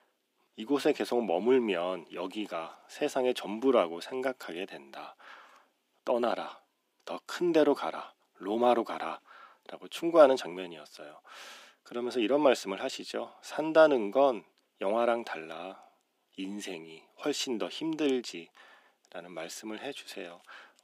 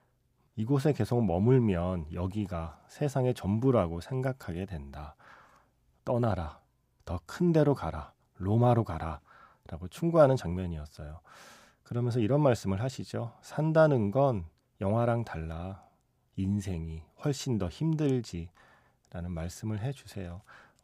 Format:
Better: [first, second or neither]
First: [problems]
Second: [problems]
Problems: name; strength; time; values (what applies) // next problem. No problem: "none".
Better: second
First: thin; somewhat; fading below 250 Hz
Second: none